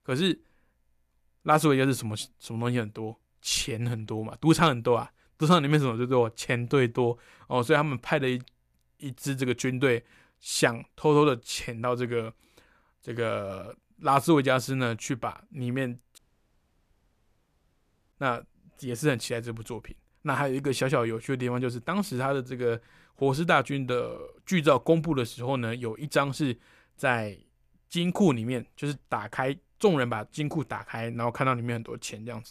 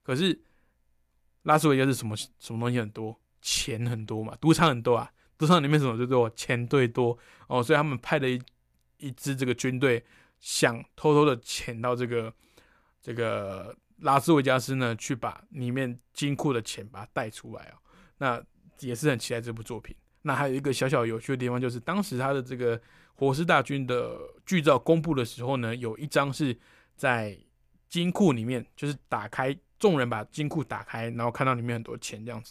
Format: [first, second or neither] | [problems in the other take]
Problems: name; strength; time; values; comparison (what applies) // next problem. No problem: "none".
second | audio cutting out; at 16 s for 2 s